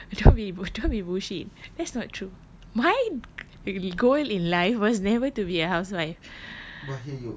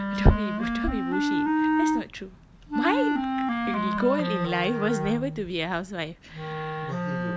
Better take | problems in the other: first | background sound (Wind instrument, woodwind instrument); as loud as the speech

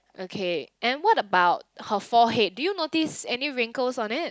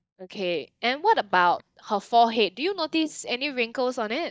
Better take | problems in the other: first | noise reduction (neural mask model DeepFilterNet 3)

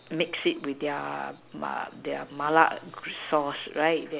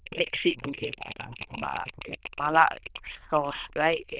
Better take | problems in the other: first | noise reduction (neural diffusion model UNIVERSE++)

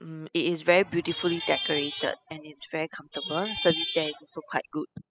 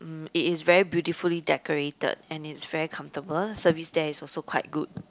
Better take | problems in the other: second | noise reduction (classical method spectral subtraction)

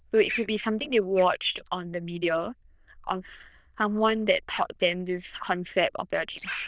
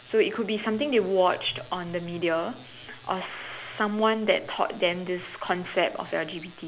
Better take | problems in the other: second | noise reduction (neural diffusion model UNIVERSE++)

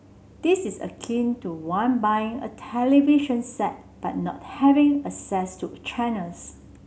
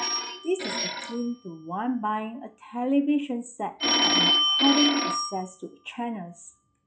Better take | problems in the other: first | noise reduction (classical method log-MMSE)

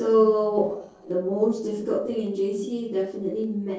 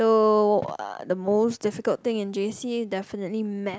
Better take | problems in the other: second | noise reduction (neural separator model SepFormer DNS4)

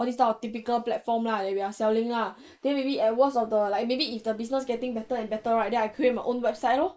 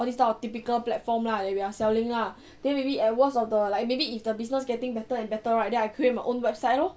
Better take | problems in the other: second | noise reduction (neural mask model Resemble Enhance denoiser)

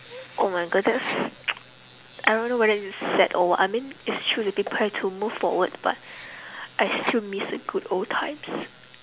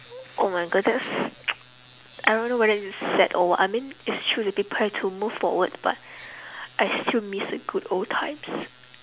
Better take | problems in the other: second | background sound (Sink (filling or washing)); 18 dB below the speech

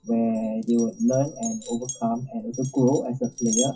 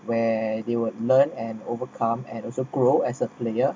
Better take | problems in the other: second | noise reduction (classical method WPE with log-MMSE)

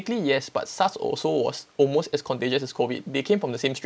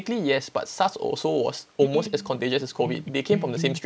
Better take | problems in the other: first | background sound (Electric guitar); 9 dB below the speech

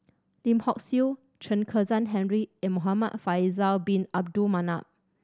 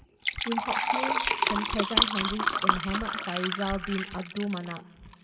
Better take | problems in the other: first | background sound (Fill (with liquid)); 4 dB above the speech // room echo; dies away in 1.6 s

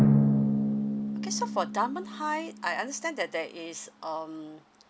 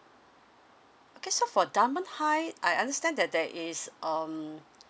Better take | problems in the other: second | background sound (Drum); 5 dB above the speech

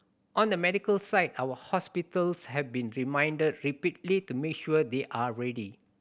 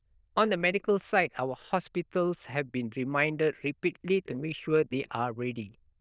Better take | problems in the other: first | noise reduction (neural diffusion model UNIVERSE++)

